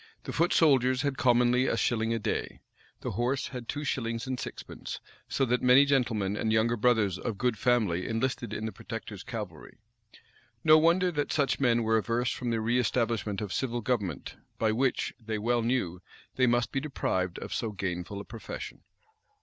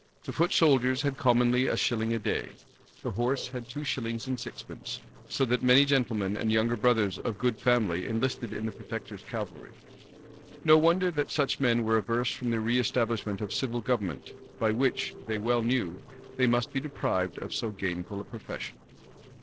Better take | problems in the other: first | noise reduction (neural separator model SepFormer DNS4)

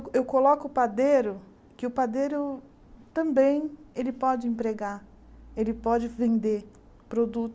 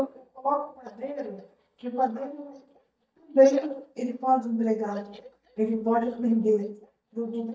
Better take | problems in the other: first | noise reduction (neural mask model DeepFilterNet 3)

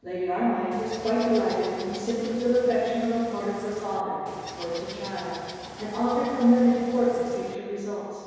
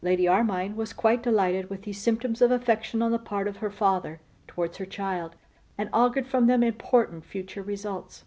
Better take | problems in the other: second | background sound (Water / Bird); 17 dB below the speech // room echo; dies away in 1.9 s

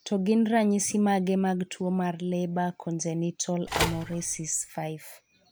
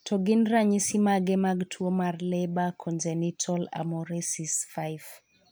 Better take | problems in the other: second | background sound (Telephone); 6 dB below the speech

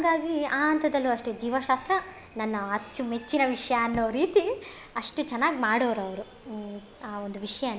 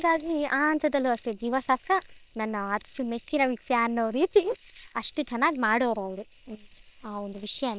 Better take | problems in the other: first | noise reduction (neural separator model SepFormer WHAM!)

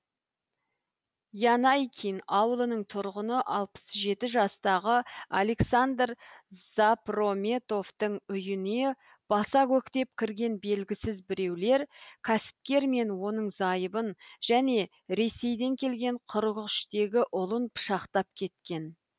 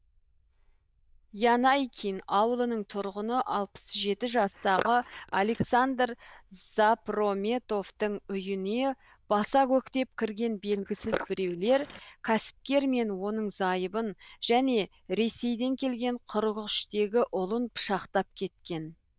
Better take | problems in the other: first | noise reduction (neural diffusion model UNIVERSE++)

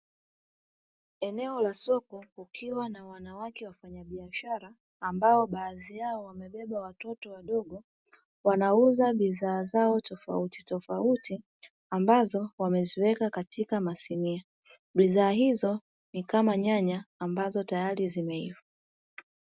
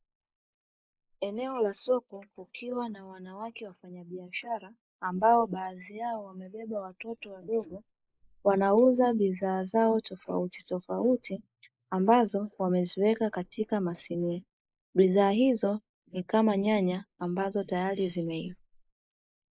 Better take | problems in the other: first | noise reduction (neural mask model Resemble Enhance denoiser)

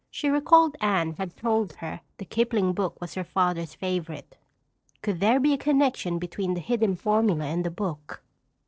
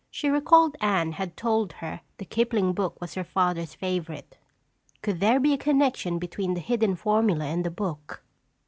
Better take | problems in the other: second | noise reduction (neural separator model SepFormer DNS4)

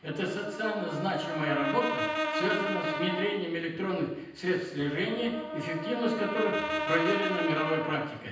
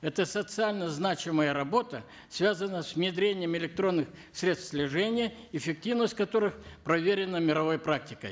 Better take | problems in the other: second | background sound (Brass instrument); 3 dB below the speech // room echo; dies away in 0.9 s

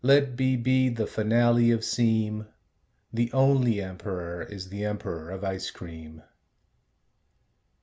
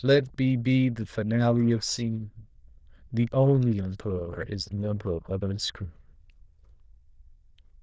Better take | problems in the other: first | noise reduction (neural diffusion model UNIVERSE++)

